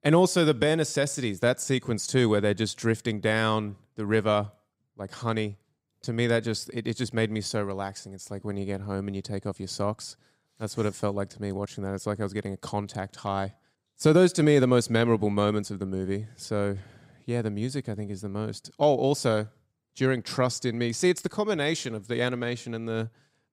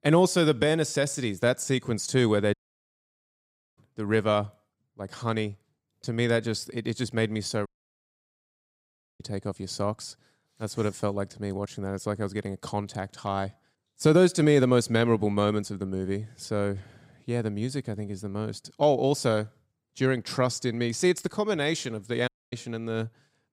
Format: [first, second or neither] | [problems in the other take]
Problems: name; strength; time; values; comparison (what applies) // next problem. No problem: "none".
first | audio cutting out; at 2.5 s for 1 s, at 7.5 s for 1.5 s and at 22 s